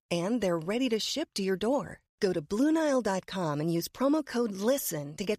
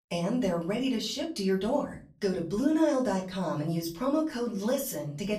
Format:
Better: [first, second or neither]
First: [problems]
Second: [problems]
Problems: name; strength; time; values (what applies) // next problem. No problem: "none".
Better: first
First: none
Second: room echo; slight; dies away in 0.3 s // off-mic speech; far